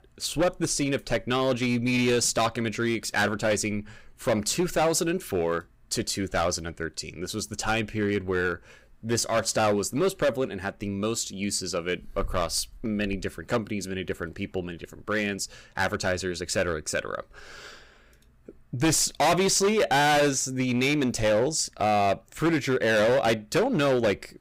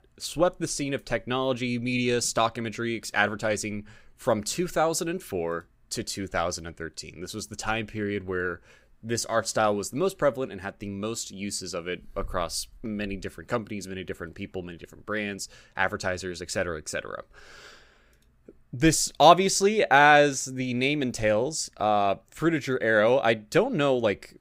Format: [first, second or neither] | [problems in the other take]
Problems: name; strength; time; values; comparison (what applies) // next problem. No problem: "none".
second | distortion; heavy; 8% of the sound clipped